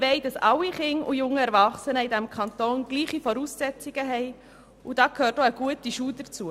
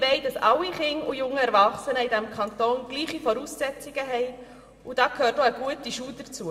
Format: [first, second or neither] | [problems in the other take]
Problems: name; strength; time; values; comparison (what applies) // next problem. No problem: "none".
first | room echo; dies away in 1.4 s